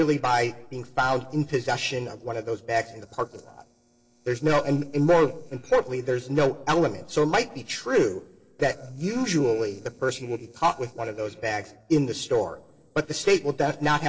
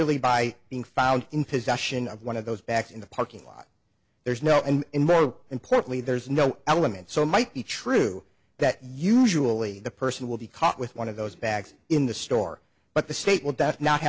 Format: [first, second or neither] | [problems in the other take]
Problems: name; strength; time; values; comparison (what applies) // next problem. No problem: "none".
second | noise reduction (neural separator model SepFormer DNS4)